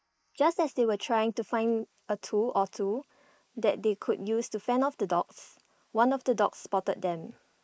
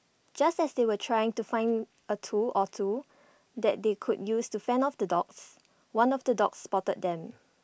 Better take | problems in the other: second | noise reduction (neural mask model Resemble Enhance denoiser)

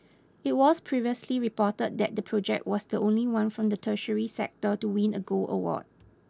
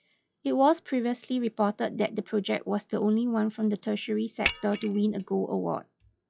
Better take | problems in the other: first | noise reduction (classical method log-MMSE)

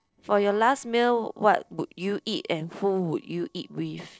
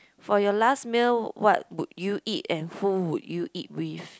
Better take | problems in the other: second | noise reduction (neural separator model SepFormer DNS4)

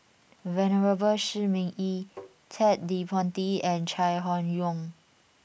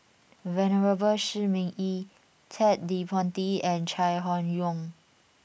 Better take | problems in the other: second | background sound (Tap); 18 dB below the speech

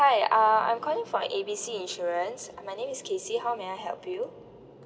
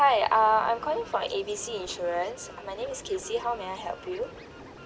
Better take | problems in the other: first | background sound (Scratching (performance technique) + Train); 19 dB below the speech

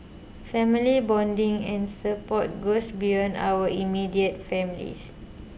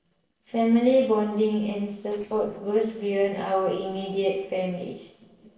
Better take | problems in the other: first | noise reduction (neural separator model SepFormer DNS4)

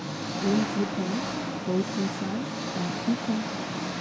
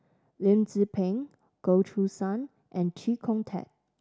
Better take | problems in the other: second | background sound (Engine); 1 dB below the speech // room echo; dies away in 0.2 s

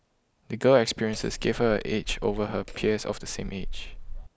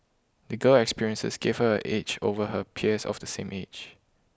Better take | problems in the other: second | background sound (Hammer); 9 dB below the speech

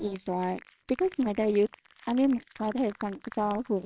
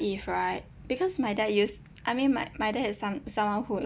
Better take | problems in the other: second | noise reduction (neural separator model SepFormer WHAMR!)

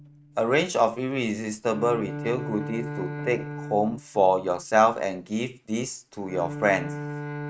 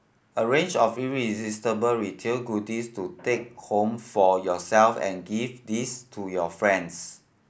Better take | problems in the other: second | noise reduction (neural mask model RNNoise)

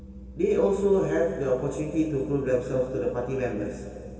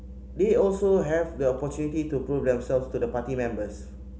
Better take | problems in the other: second | room echo; dies away in 2.5 s

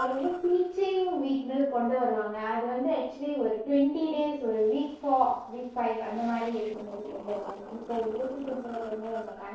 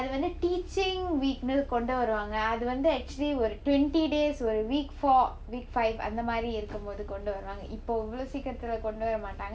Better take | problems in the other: second | noise reduction (neural separator model SepFormer DNS4)

